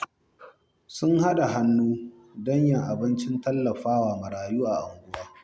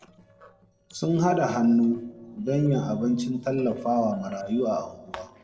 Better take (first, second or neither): first